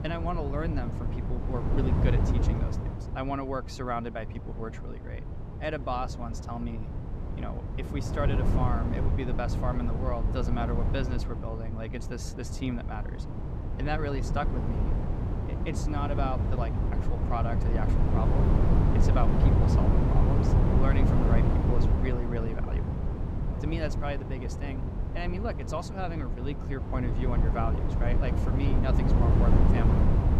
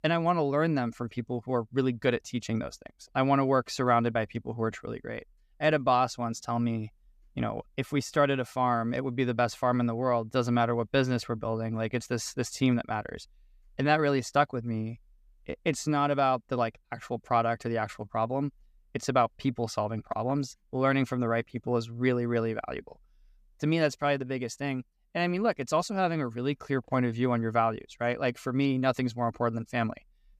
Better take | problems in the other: second | wind noise on the microphone; heavy; 2 dB below the speech

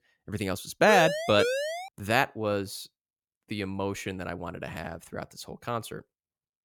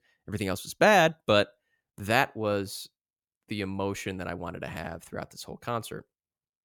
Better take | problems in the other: second | siren; noticeable; at 1 s; peak 1 dB below the speech

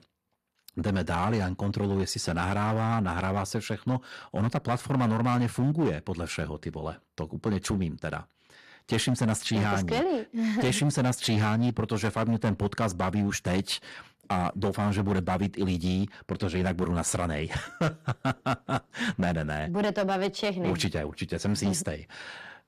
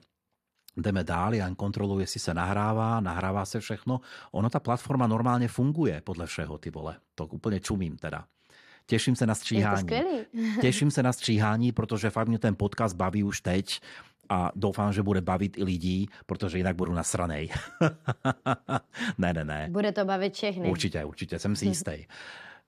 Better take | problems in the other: second | distortion; slight; 9% of the sound clipped

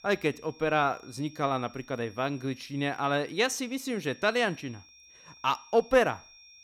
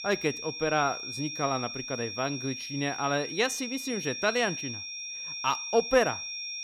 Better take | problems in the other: first | high-pitched whine; loud; throughout; 5.5 kHz, 5 dB below the speech; faint in the first

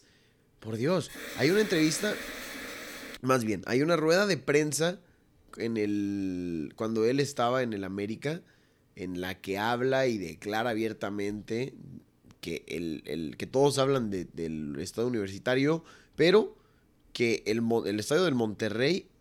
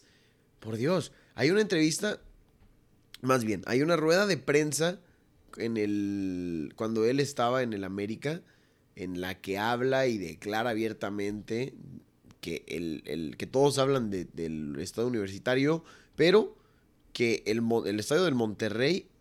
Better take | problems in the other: second | alarm; noticeable; from 1 to 3 s; peak 8 dB below the speech

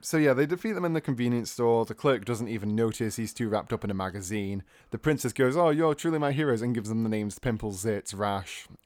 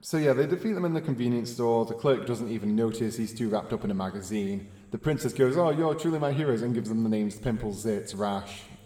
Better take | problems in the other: first | room echo; slight; dies away in 1.6 s

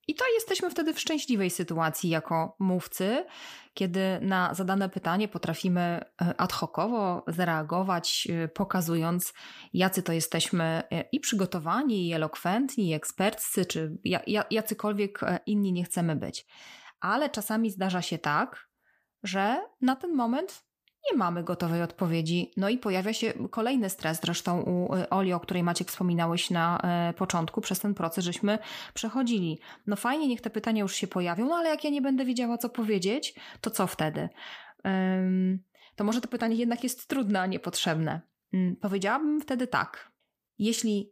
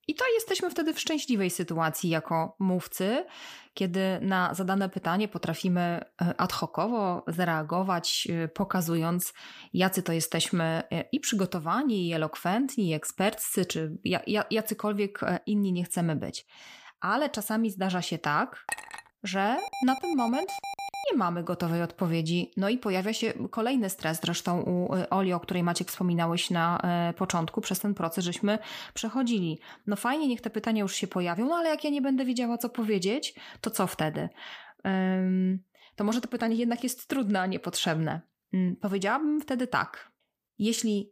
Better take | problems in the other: first | clattering dishes; noticeable; at 19 s; peak 7 dB below the speech // alarm; noticeable; from 20 to 21 s; peak 7 dB below the speech

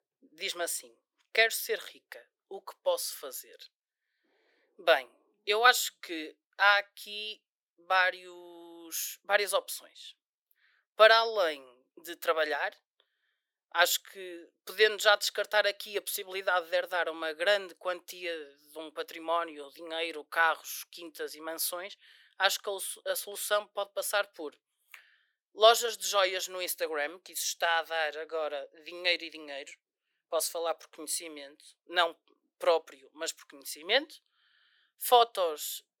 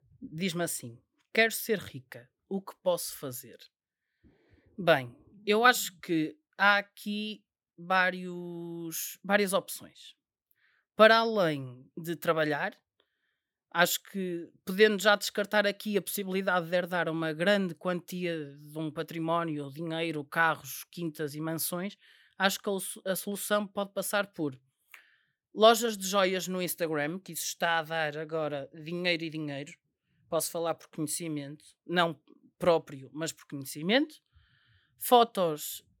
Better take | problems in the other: second | thin; very; fading below 450 Hz

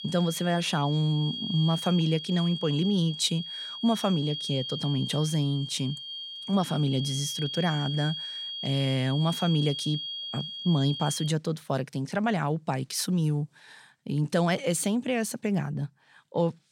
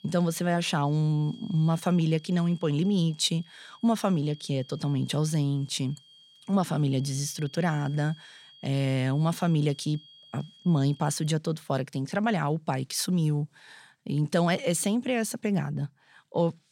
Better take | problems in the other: second | high-pitched whine; loud; until 11 s; 3.5 kHz, 6 dB below the speech; faint in the second

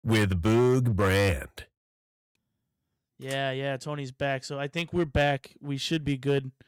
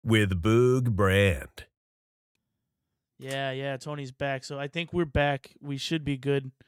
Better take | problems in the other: second | distortion; slight; 5% of the sound clipped

